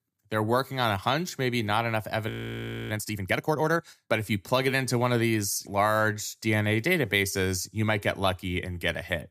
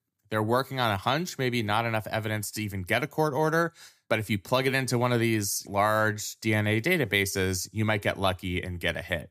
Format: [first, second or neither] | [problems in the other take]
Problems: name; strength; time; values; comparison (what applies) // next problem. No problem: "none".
second | audio freezing; at 2.5 s for 0.5 s